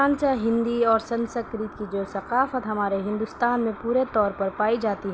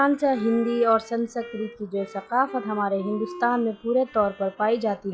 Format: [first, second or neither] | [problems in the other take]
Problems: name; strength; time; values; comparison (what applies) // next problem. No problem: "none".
first | noise reduction (classical method log-MMSE)